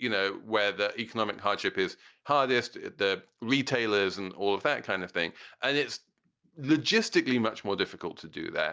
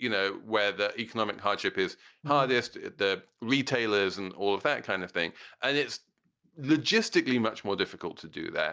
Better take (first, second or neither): first